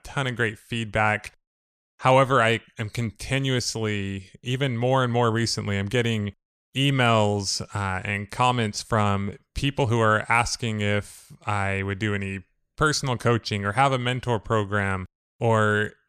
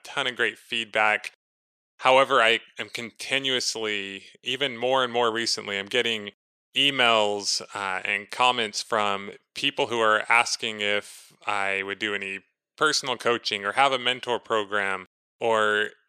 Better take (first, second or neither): first